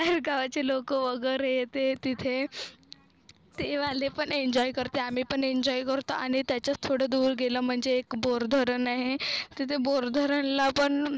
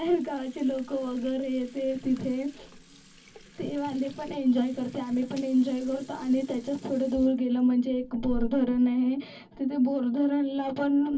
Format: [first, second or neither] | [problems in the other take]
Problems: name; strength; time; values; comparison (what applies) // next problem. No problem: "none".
first | background sound (Sink (filling or washing) / Water tap, faucet); 17 dB below the speech // room echo; dies away in 0.3 s